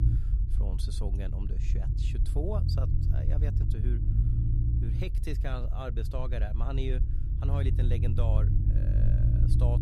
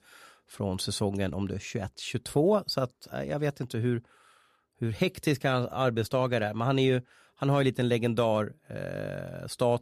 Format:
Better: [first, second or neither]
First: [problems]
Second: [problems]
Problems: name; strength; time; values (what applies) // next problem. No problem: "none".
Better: second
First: low rumble; loud; throughout; 2 dB below the speech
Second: none